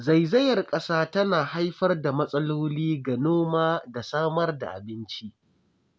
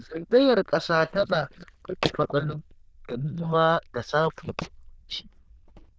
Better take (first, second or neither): first